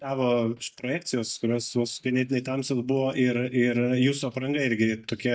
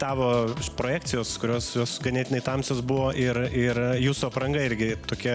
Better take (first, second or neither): second